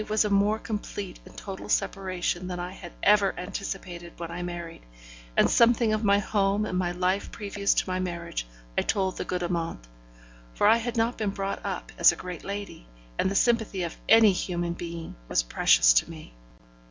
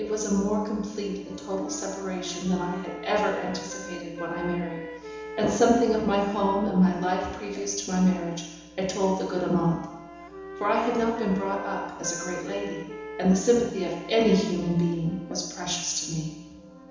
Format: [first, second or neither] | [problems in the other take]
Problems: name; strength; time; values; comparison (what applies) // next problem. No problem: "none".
first | background sound (Wind instrument, woodwind instrument); 16 dB below the speech // room echo; dies away in 1 s